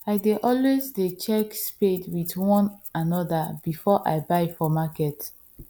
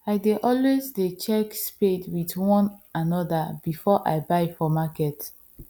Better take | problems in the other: second | background sound (Keys jangling); 19 dB below the speech

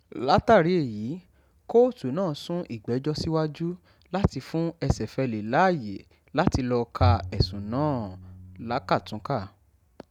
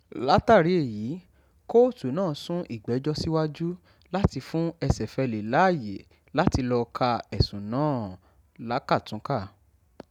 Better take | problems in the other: second | background sound (Bowed string instrument); 4 dB below the speech

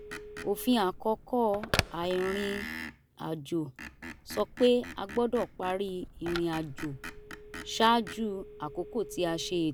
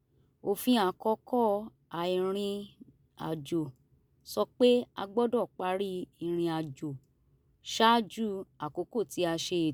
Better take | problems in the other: second | background sound (Telephone + Screech); 10 dB below the speech

